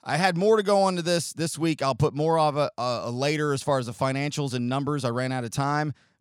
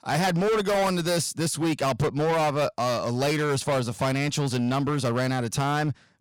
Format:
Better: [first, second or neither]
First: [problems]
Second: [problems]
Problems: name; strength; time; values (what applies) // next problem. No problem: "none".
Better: first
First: none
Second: distortion; heavy; 23% of the sound clipped